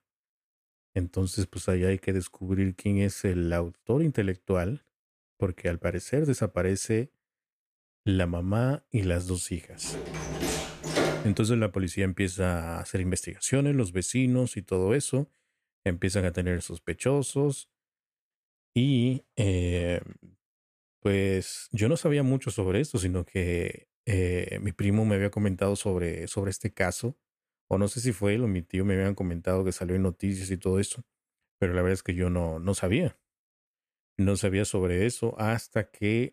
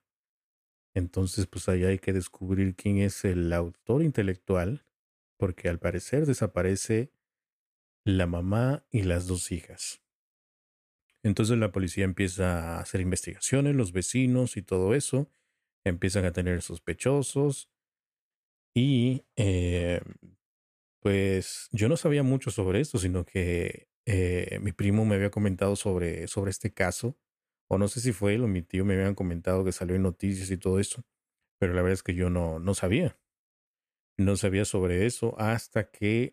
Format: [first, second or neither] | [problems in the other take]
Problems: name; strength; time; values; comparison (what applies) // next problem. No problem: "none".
second | door banging; loud; from 10 to 11 s; peak 1 dB above the speech